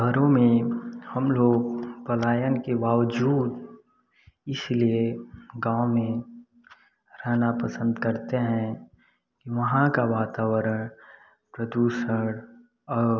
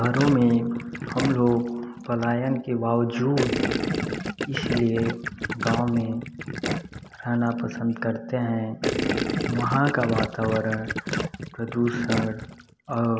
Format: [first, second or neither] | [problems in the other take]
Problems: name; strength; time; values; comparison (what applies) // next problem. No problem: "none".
first | background sound (Gurgling); 5 dB below the speech